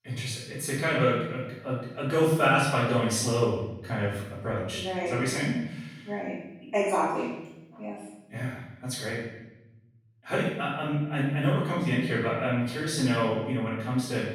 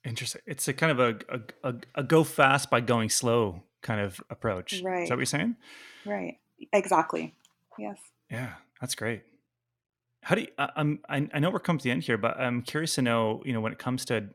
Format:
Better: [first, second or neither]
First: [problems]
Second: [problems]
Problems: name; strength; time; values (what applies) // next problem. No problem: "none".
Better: second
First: off-mic speech; far // room echo; noticeable; dies away in 0.9 s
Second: none